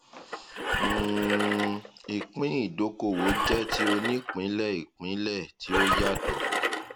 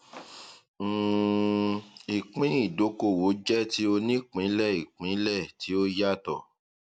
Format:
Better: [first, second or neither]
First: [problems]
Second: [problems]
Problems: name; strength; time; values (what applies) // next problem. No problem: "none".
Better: second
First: background sound (Engine); 1 dB below the speech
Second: none